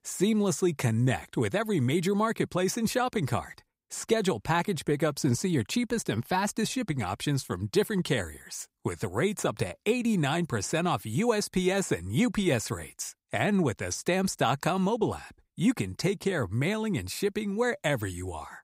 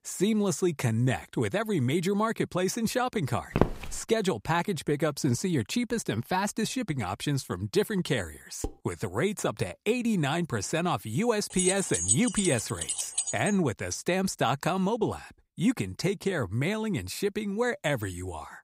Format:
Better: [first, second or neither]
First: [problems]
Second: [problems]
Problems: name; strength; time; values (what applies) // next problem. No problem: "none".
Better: first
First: none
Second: footsteps; loud; at 3.5 s; peak 1 dB above the speech // clattering dishes; faint; at 8.5 s; peak 10 dB below the speech // jangling keys; loud; from 12 to 13 s; peak 3 dB above the speech